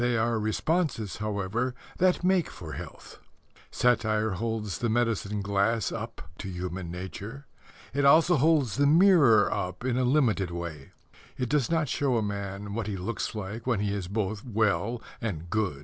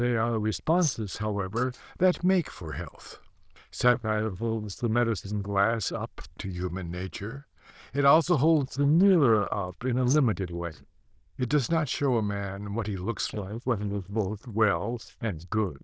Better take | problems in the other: first | noise reduction (neural diffusion model UNIVERSE++)

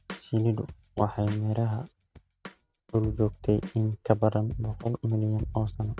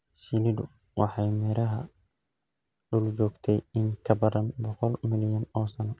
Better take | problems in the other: second | noise reduction (neural mask model RNNoise)

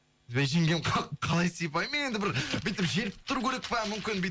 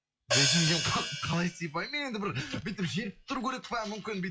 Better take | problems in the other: first | noise reduction (classical method log-MMSE)

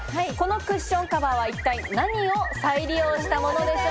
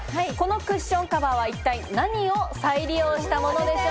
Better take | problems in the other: second | background sound (Bird); 13 dB below the speech

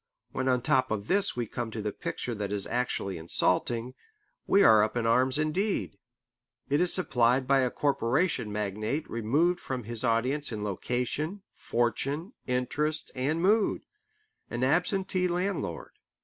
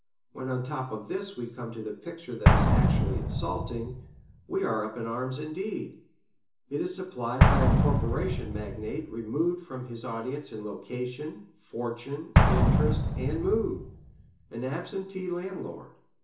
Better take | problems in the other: first | background sound (Explosion); 5 dB above the speech // room echo; dies away in 0.7 s

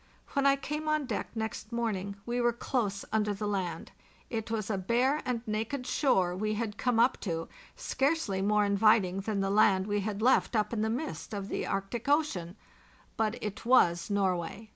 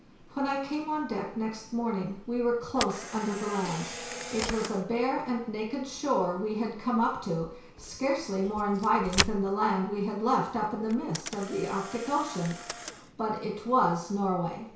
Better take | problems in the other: first | background sound (Camera); 10 dB below the speech // room echo; dies away in 0.6 s

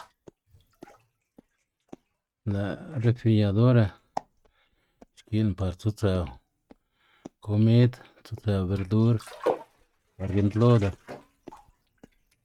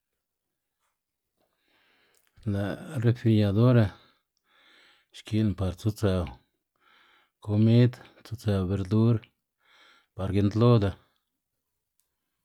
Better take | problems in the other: second | noise reduction (neural mask model RNNoise)

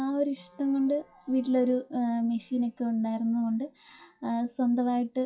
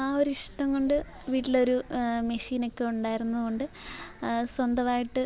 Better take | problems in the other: second | noise reduction (classical method WPE with log-MMSE)

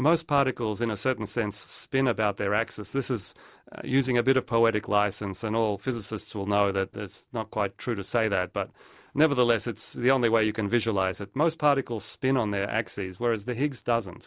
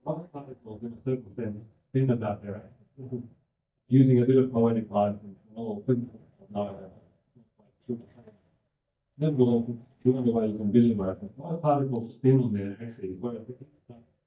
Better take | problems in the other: first | noise reduction (neural mask model DeepFilterNet 3)

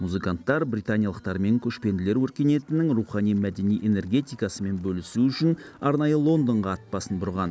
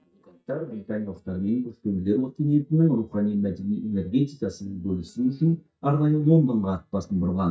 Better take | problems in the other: first | noise reduction (neural mask model DeepFilterNet 3)

